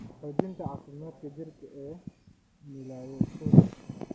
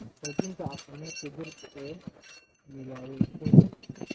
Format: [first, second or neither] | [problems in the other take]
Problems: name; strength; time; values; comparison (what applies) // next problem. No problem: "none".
first | noise reduction (neural mask model RNNoise)